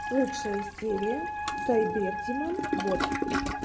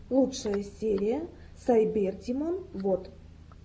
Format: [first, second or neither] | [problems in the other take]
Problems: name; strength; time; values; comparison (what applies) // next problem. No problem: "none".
second | background sound (Wind instrument, woodwind instrument + Toilet flush); 1 dB below the speech